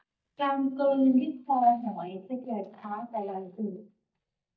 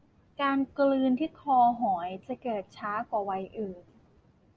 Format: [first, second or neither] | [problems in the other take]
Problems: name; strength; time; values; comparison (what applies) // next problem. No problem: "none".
second | noise reduction (neural mask model DeepFilterNet 3)